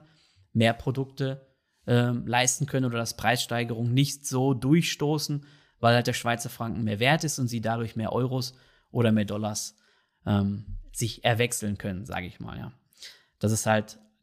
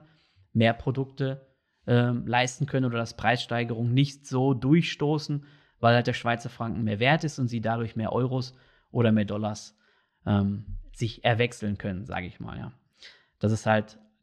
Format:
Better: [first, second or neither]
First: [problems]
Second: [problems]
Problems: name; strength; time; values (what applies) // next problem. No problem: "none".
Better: first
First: none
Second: muffled; slightly; fading above 3.5 kHz